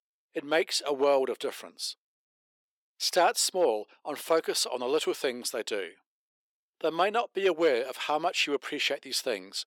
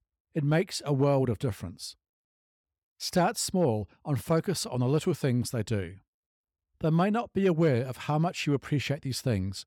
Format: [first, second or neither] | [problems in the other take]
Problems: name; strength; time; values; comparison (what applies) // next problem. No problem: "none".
second | thin; very; fading below 400 Hz